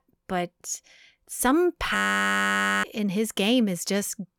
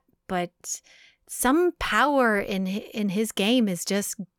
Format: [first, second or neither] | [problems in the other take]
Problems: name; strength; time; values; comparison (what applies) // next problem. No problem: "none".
second | audio freezing; at 2 s for 1 s